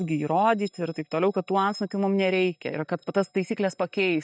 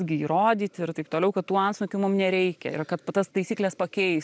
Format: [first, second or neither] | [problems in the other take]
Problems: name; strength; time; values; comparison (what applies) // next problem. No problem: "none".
second | noise reduction (neural mask model DeepFilterNet 3)